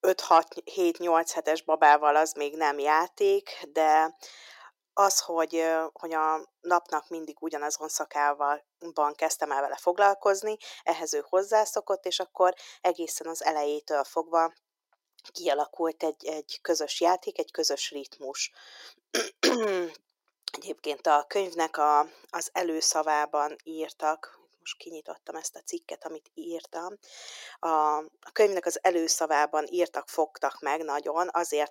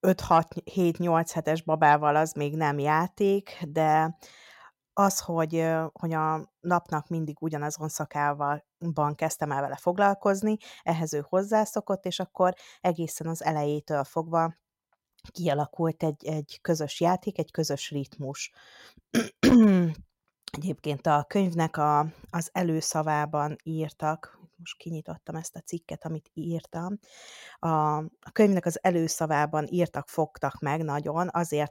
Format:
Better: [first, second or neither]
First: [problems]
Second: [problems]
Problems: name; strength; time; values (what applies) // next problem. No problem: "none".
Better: second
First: thin; very; fading below 350 Hz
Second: none